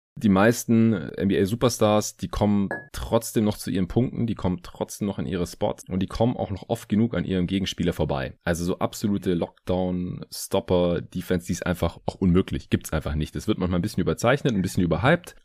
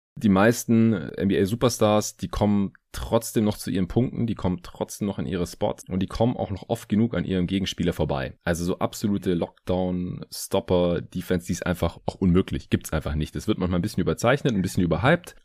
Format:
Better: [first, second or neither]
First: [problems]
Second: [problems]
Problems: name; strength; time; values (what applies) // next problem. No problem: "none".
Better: second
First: clattering dishes; faint; at 2.5 s; peak 10 dB below the speech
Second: none